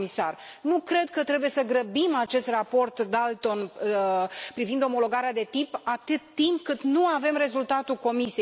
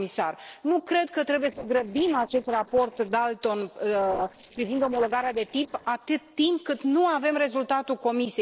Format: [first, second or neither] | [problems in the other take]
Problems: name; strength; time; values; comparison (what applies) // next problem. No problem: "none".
first | noise reduction (neural separator model SepFormer DNS4)